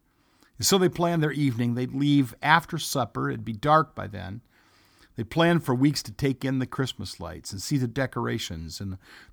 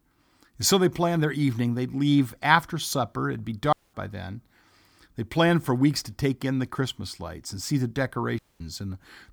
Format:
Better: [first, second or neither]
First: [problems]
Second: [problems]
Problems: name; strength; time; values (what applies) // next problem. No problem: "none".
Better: first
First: none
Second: audio cutting out; at 3.5 s and at 8.5 s